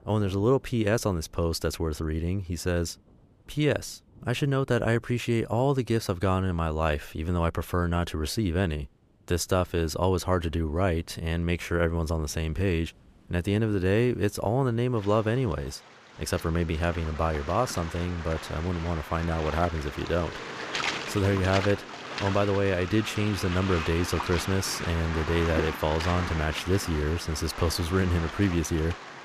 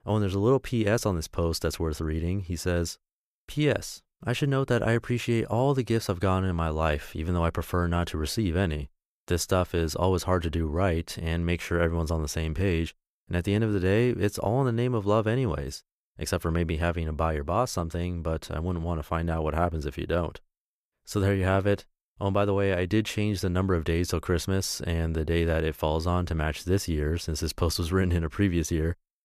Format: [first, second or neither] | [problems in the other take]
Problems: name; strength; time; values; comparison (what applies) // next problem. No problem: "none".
second | rain or running water; loud; throughout; 8 dB below the speech